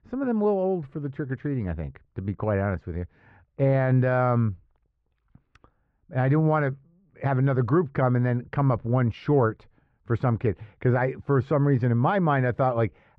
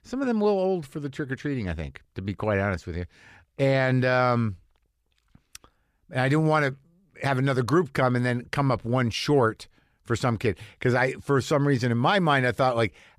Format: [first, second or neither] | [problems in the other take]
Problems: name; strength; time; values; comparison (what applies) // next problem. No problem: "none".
second | muffled; very; fading above 1.5 kHz